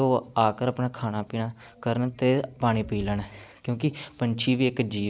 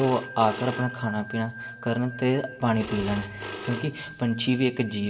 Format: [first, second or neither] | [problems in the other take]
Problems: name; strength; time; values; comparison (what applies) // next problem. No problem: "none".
first | background sound (Telephone); 12 dB below the speech // room echo; dies away in 1.5 s